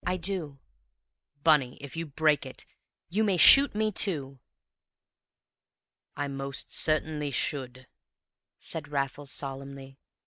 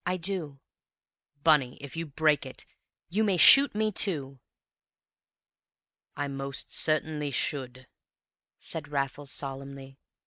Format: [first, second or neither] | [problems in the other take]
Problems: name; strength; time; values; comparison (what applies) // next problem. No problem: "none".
second | background sound (Knock); 19 dB below the speech